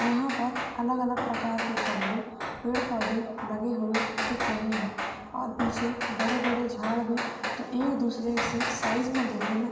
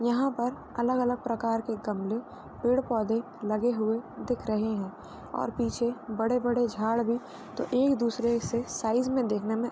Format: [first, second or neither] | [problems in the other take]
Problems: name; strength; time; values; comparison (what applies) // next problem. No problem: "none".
second | background sound (Hammer); 3 dB below the speech // room echo; dies away in 2.3 s